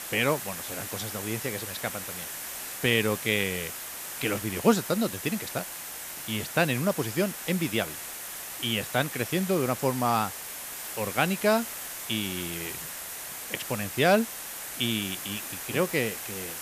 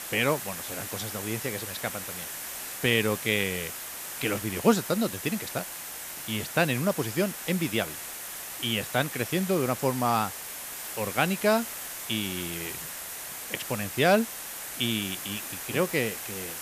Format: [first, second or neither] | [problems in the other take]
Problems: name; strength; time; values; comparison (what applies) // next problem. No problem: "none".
neither | hiss; loud; throughout; 6 dB below the speech; the same in both